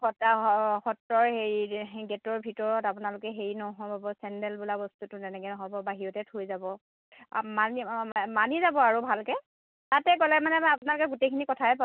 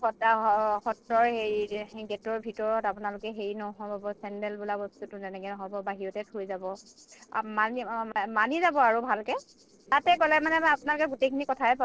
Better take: first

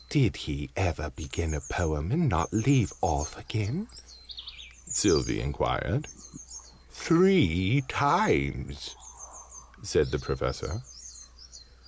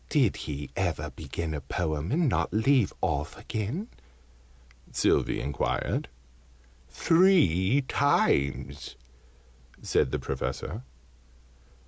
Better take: second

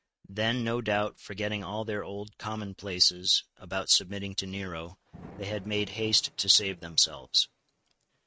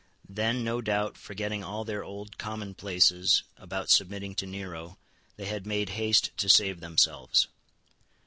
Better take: second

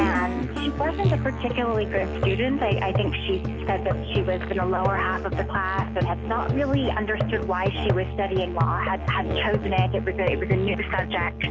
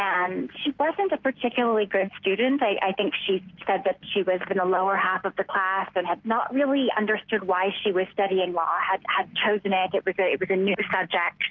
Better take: second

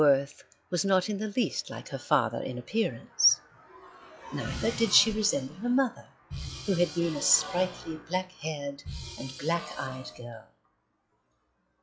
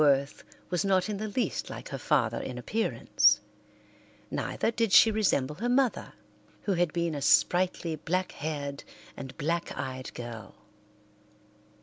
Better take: second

